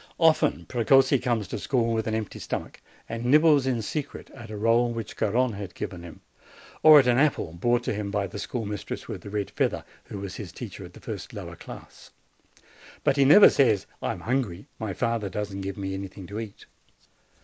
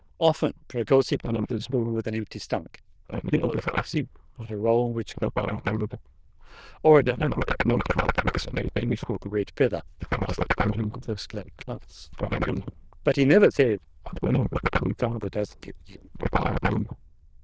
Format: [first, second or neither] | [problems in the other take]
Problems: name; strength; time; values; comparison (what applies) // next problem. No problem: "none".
first | noise reduction (neural diffusion model UNIVERSE++)